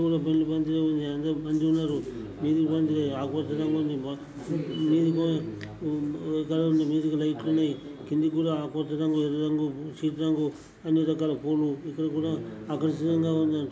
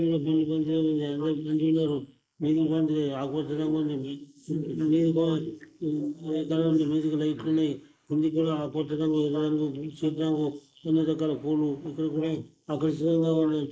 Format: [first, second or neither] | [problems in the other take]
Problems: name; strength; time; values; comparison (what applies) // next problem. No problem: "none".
first | noise reduction (neural mask model Resemble Enhance denoiser)